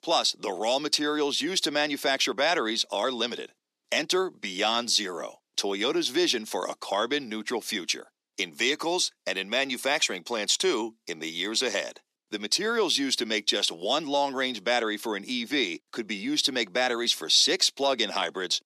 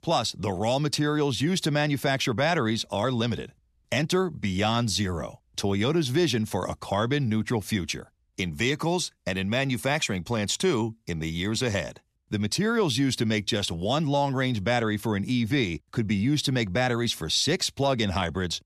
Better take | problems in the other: second | thin; somewhat; fading below 300 Hz

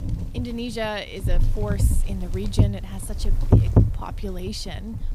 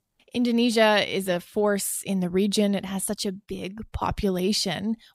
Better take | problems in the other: second | wind noise on the microphone; heavy; 1 dB below the speech

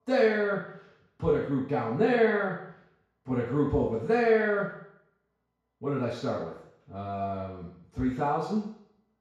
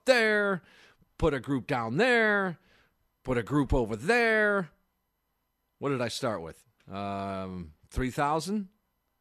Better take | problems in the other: second | room echo; noticeable; dies away in 0.7 s // off-mic speech; far

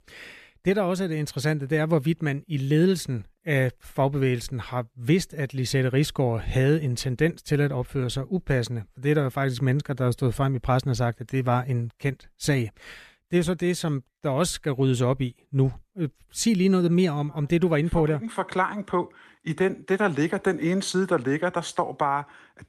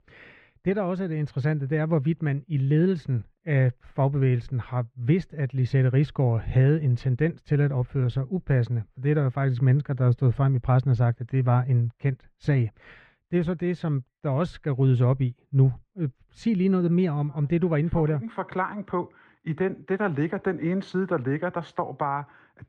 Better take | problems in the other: first | muffled; very; fading above 2 kHz

